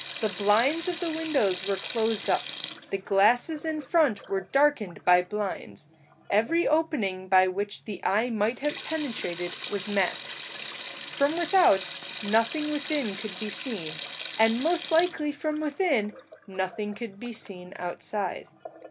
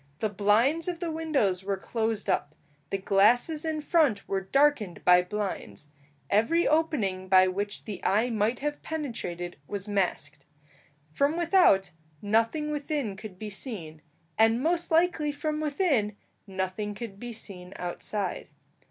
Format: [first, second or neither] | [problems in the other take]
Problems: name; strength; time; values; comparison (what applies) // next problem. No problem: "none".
second | background sound (Sink (filling or washing)); 13 dB below the speech